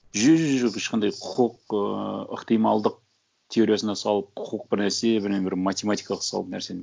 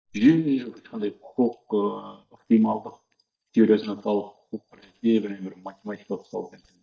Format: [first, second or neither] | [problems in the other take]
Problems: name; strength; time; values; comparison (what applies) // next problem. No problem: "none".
first | noise reduction (neural mask model DeepFilterNet 3)